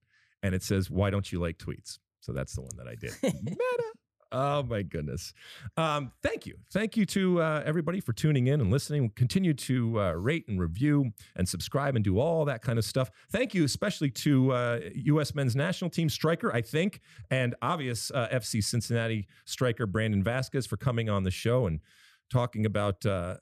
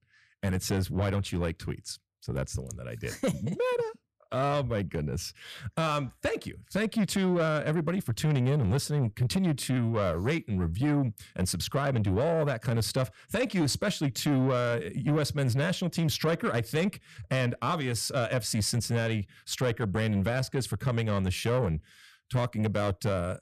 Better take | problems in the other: first | distortion; slight; 10 dB below the speech

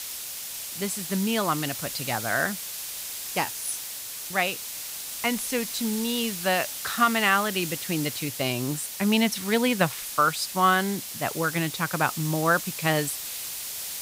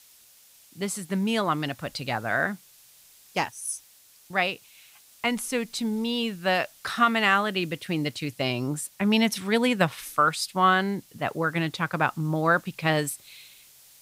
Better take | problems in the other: second | hiss; loud; throughout; 6 dB below the speech; faint in the second

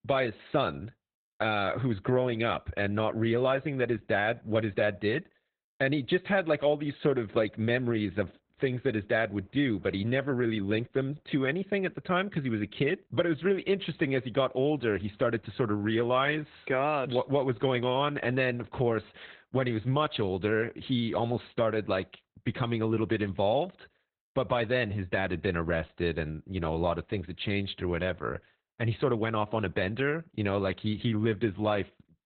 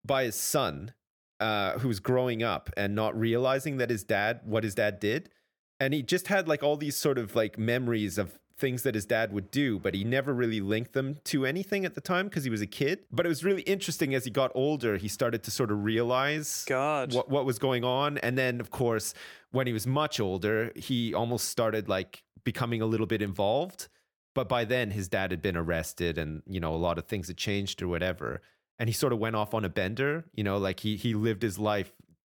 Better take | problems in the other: second | garbled, watery; badly; nothing above 4 kHz

